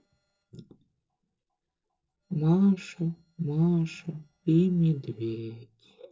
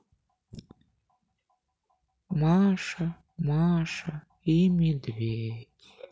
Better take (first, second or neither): second